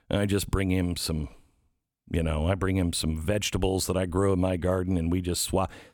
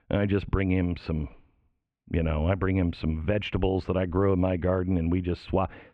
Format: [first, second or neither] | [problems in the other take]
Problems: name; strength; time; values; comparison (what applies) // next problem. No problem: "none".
first | muffled; very; fading above 2.5 kHz